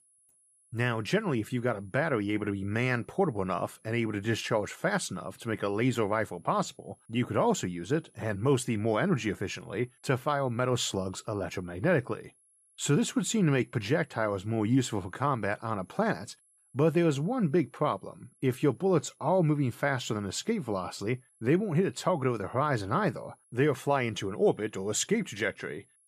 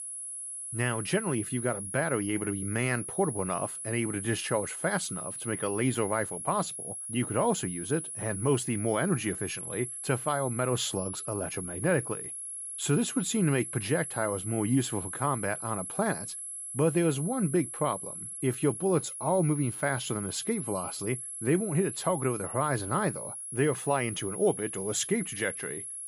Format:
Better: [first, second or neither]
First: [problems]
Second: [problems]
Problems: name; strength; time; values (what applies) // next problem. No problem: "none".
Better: first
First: high-pitched whine; faint; throughout; 11 kHz, 35 dB below the speech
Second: high-pitched whine; loud; throughout; 11 kHz, 6 dB below the speech